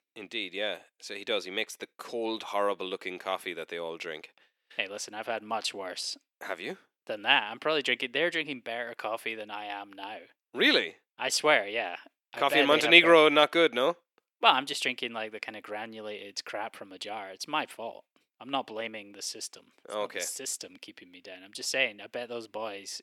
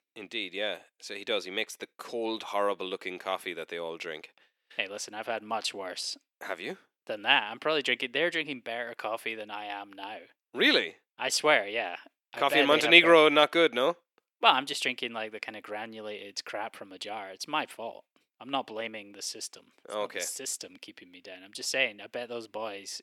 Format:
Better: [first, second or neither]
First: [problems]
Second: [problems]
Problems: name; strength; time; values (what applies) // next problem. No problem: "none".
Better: neither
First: thin; somewhat; fading below 350 Hz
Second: thin; somewhat; fading below 350 Hz